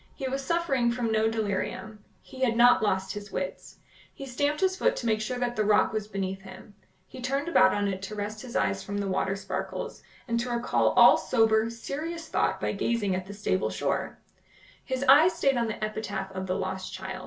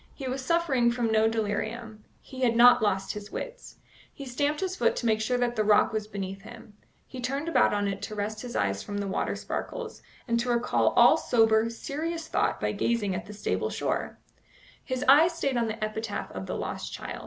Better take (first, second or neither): second